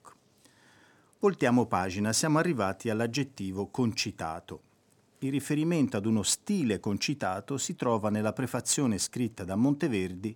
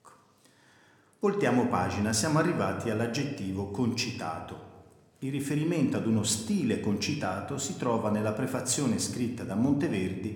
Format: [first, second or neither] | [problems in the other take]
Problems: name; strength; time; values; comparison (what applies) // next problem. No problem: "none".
first | room echo; slight; dies away in 0.9 s